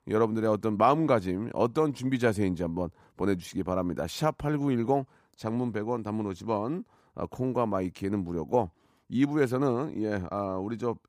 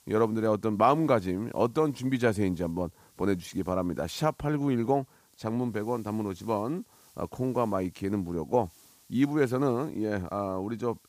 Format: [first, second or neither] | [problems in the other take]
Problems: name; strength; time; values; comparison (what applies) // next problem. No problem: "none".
first | hiss; faint; throughout; 30 dB below the speech